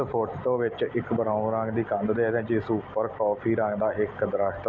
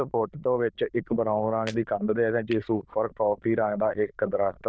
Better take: first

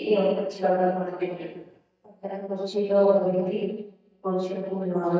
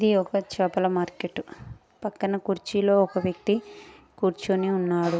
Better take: second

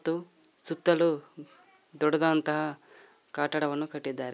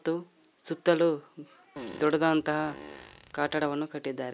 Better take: first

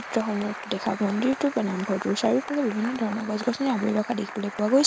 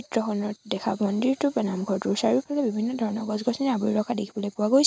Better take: second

